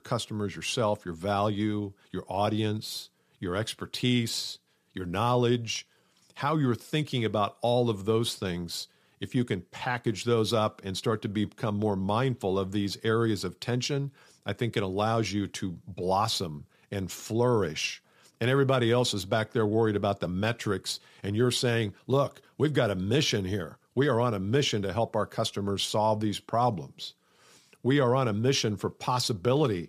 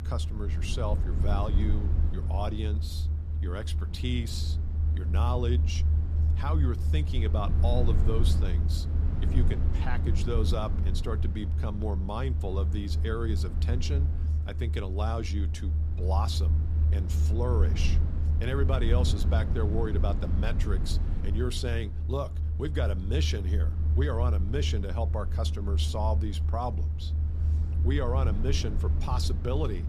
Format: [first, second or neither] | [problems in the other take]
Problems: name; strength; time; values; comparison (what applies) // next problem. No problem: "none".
first | low rumble; loud; throughout; 8 dB below the speech